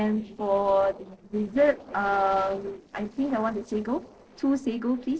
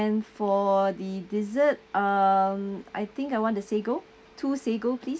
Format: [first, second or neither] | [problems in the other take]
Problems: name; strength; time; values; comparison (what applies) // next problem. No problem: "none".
second | noise reduction (neural separator model SepFormer DNS4)